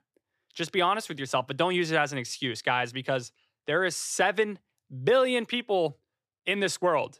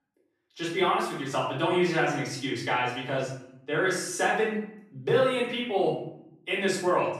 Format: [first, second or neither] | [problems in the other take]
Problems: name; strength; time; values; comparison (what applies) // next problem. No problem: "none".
first | off-mic speech; far // room echo; noticeable; dies away in 0.6 s